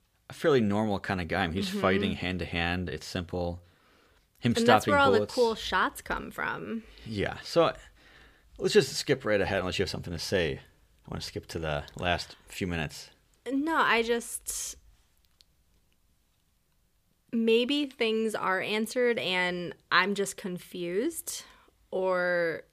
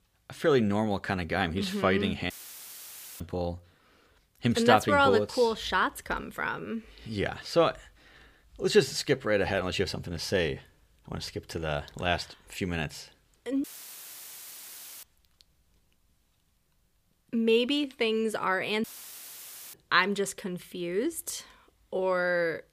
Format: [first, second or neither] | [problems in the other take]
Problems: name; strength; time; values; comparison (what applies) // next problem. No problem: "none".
first | audio cutting out; filled with static; at 2.5 s for 1 s, at 14 s for 1.5 s and at 19 s for 1 s